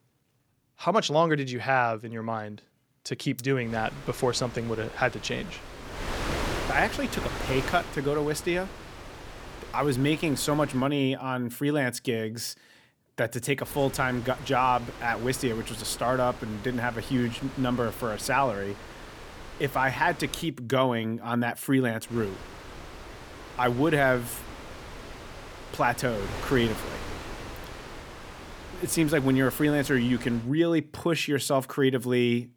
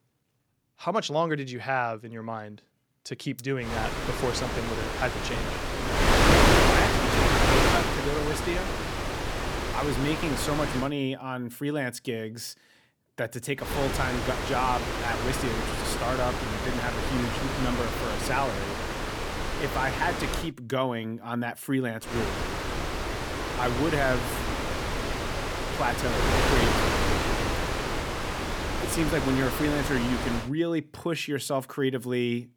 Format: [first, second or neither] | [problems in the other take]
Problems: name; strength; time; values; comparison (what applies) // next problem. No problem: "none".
first | wind noise on the microphone; heavy; from 3.5 to 11 s, from 14 to 20 s and from 22 to 30 s; 3 dB above the speech; occasional gusts in the first